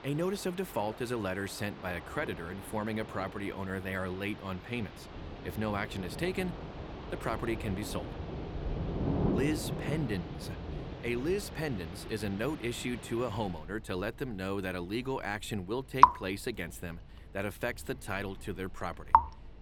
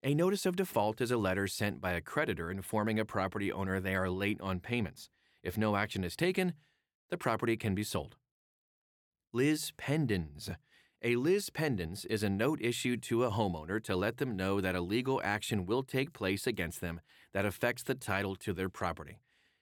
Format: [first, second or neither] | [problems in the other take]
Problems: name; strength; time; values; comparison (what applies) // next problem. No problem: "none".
second | rain or running water; very loud; throughout; 2 dB above the speech